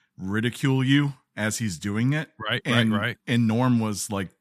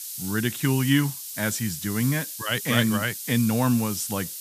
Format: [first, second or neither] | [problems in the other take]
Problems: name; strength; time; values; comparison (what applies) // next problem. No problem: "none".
first | hiss; loud; throughout; 7 dB below the speech